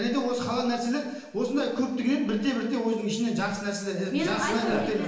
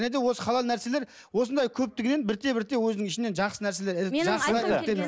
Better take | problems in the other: second | room echo; dies away in 1.1 s

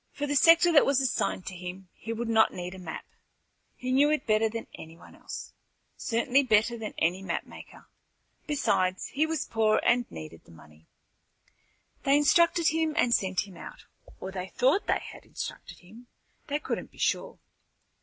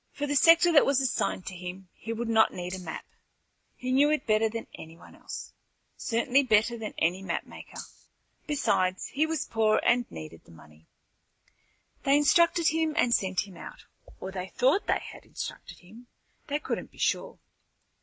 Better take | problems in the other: first | background sound (Rattle (instrument)); 12 dB below the speech

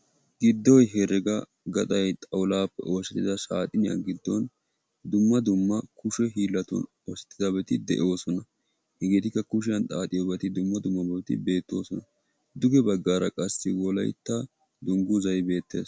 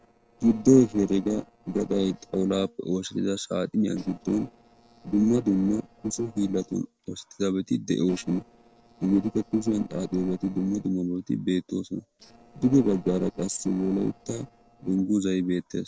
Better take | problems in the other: first | noise reduction (neural separator model SepFormer DNS4)

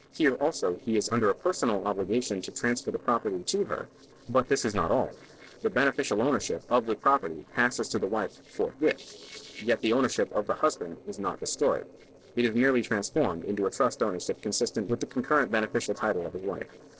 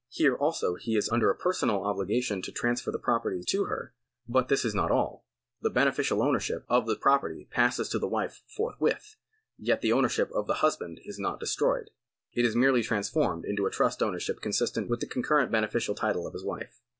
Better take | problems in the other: second | noise reduction (neural separator model SepFormer DNS4)

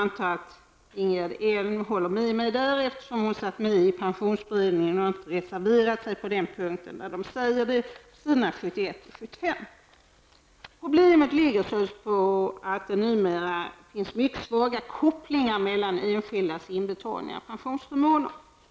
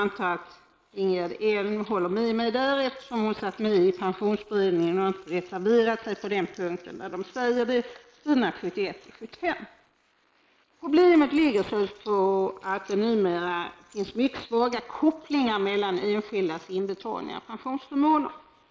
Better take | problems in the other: first | noise reduction (neural mask model Resemble Enhance denoiser)

